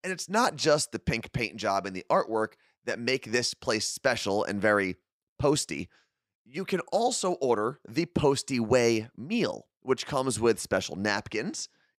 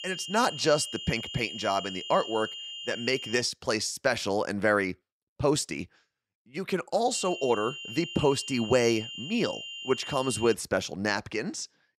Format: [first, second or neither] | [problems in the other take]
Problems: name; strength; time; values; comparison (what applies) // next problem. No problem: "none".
first | high-pitched whine; loud; until 3.5 s and from 7 to 11 s; 3 kHz, 9 dB below the speech